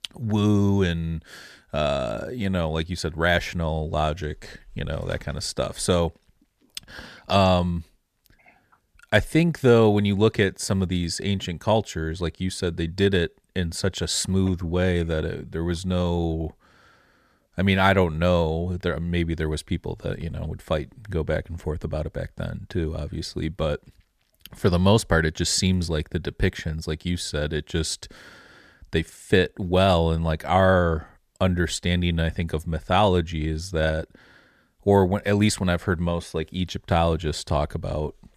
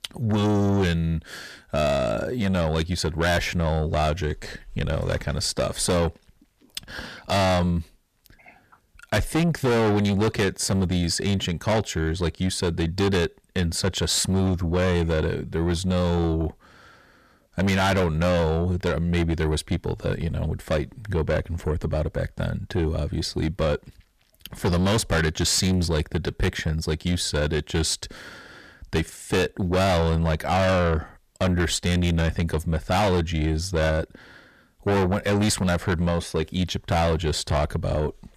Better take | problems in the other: first | distortion; heavy; 7 dB below the speech

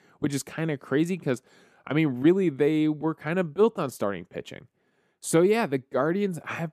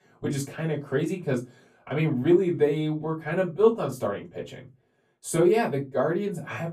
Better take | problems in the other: first | off-mic speech; far // room echo; very slight; dies away in 0.2 s

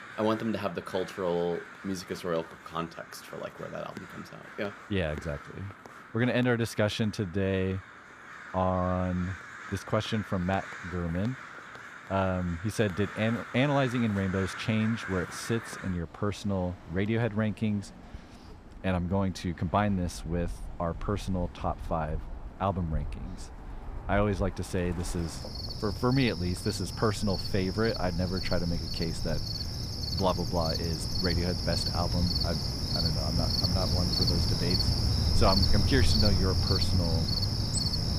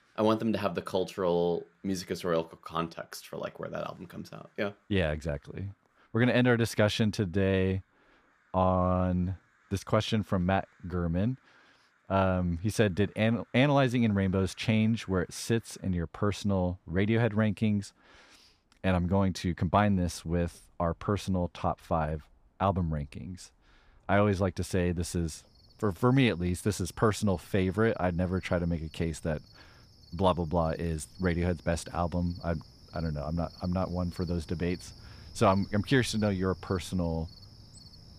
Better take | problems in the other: second | animal sounds; loud; throughout; 1 dB below the speech; faint in the second

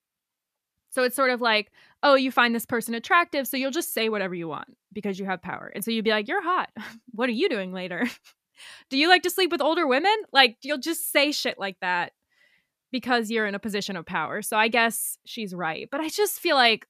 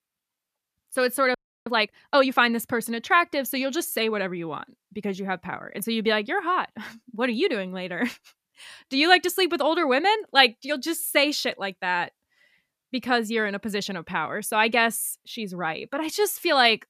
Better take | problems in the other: first | audio freezing; at 1.5 s

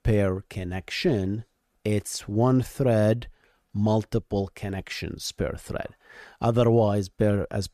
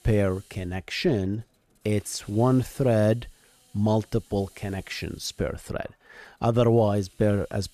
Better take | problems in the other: first | hiss; faint; throughout; 30 dB below the speech

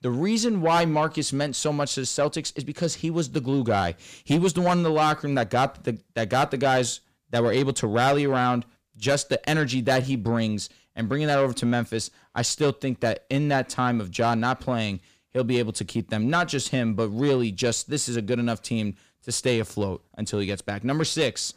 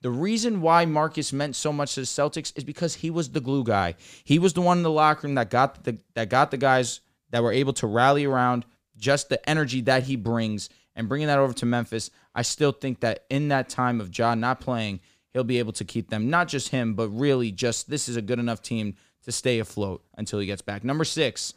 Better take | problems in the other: second | distortion; slight; 10 dB below the speech

